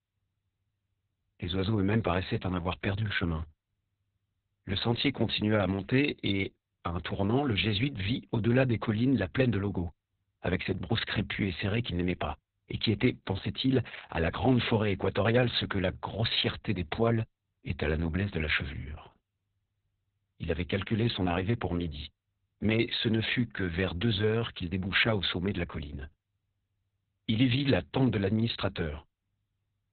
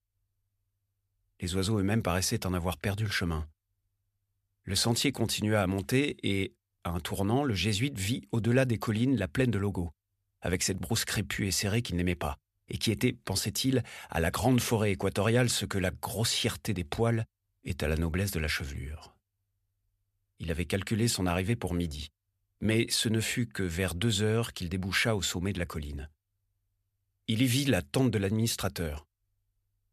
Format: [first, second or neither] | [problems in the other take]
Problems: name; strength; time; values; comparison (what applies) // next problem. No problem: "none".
second | garbled, watery; badly; nothing above 4 kHz